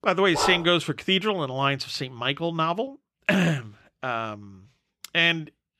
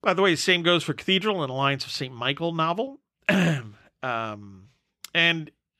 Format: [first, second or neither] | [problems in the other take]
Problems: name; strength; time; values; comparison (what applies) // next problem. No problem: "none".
second | dog barking; noticeable; at 0.5 s; peak 3 dB below the speech